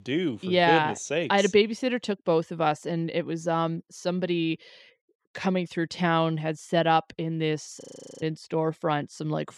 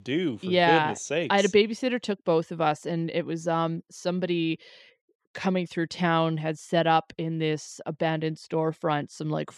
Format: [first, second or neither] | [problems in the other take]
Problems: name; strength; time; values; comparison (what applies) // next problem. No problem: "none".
second | audio freezing; at 8 s